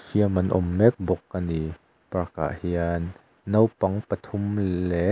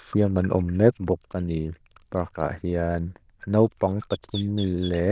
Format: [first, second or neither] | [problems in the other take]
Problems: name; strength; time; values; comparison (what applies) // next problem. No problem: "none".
first | noise reduction (neural diffusion model UNIVERSE++)